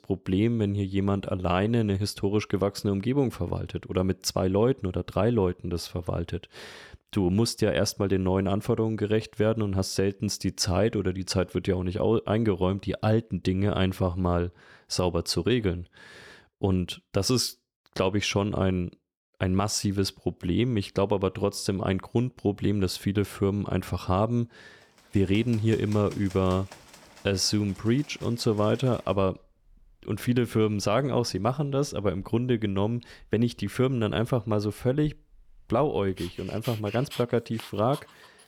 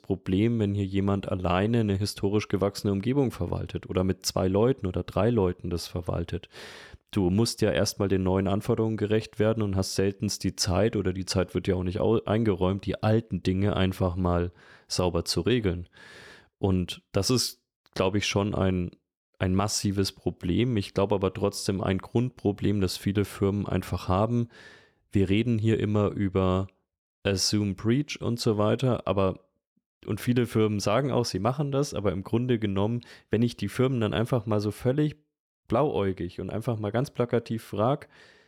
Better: second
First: animal sounds; faint; from 25 s on; 20 dB below the speech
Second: none

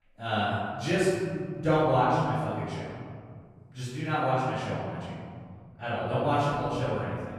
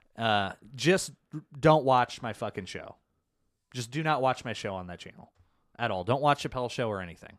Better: second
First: off-mic speech; far // room echo; strong; dies away in 2.4 s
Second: none

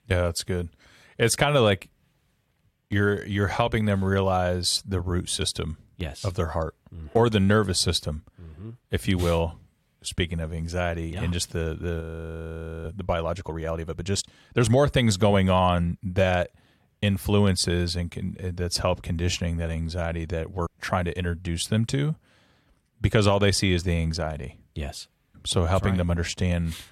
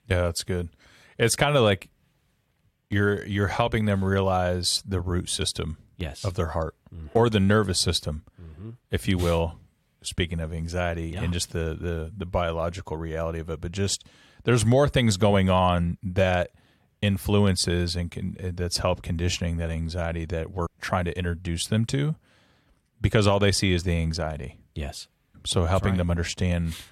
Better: second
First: audio freezing; at 12 s for 1 s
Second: none

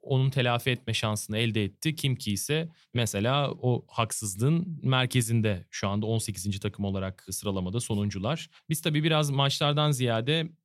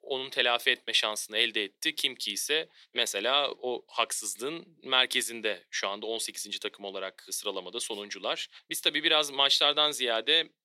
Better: first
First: none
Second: thin; very; fading below 350 Hz

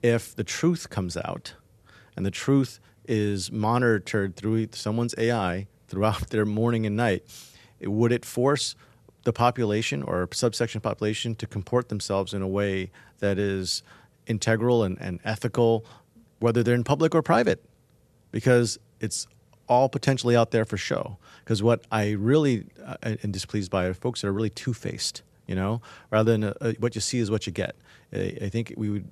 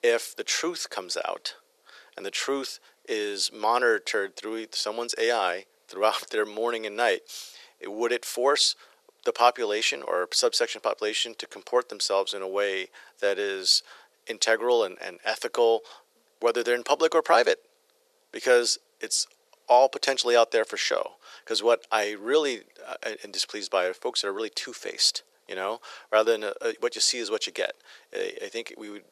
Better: first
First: none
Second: thin; very; fading below 450 Hz

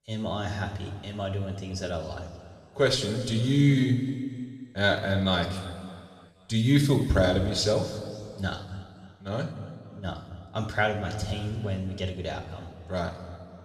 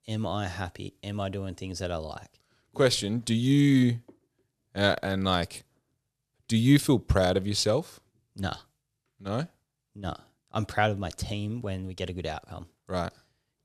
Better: second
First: room echo; noticeable; dies away in 2.1 s // off-mic speech; somewhat distant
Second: none

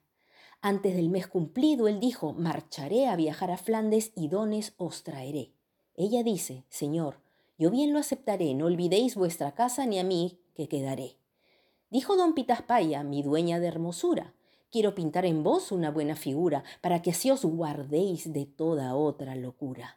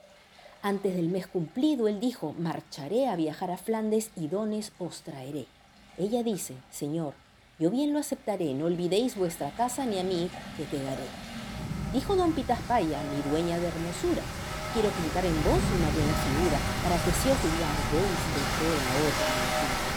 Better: first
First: none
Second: rain or running water; loud; throughout; 1 dB below the speech

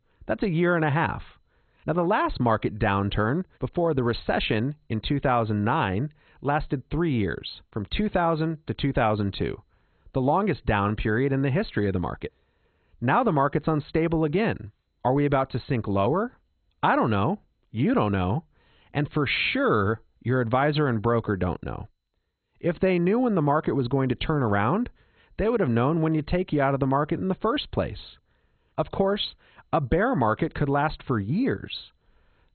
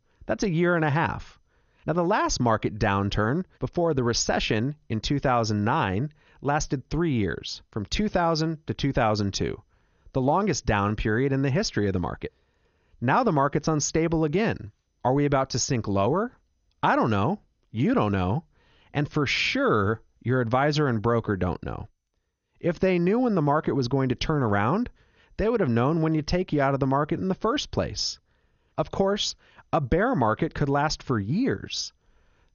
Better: second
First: garbled, watery; badly; nothing above 4 kHz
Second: garbled, watery; slightly; nothing above 6.5 kHz

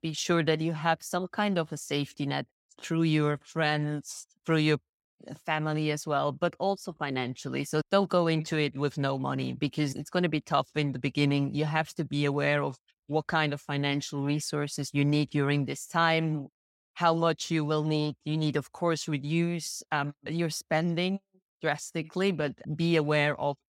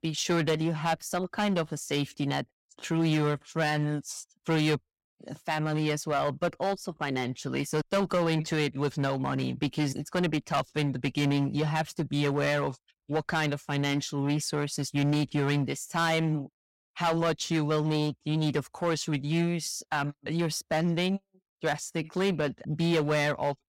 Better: first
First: none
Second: distortion; slight; 7% of the sound clipped

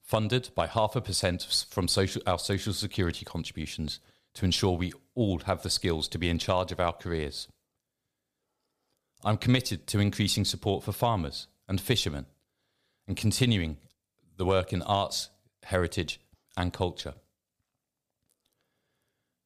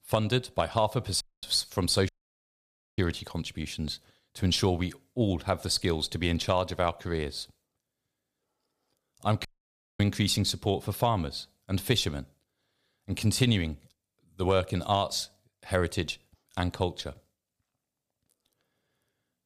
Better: first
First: none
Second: audio cutting out; at 1 s, at 2 s for 1 s and at 9.5 s for 0.5 s

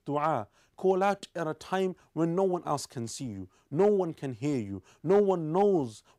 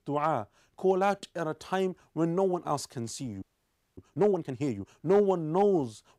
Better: first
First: none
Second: audio freezing; at 3.5 s for 0.5 s

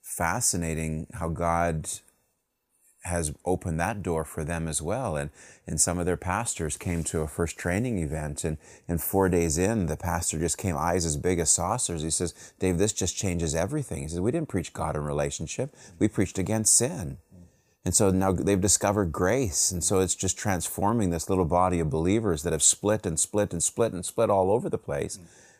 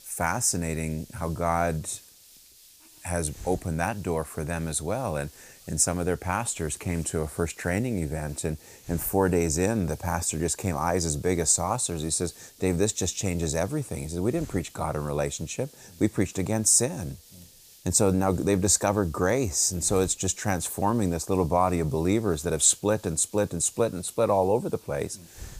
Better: first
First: none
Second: hiss; faint; throughout; 25 dB below the speech

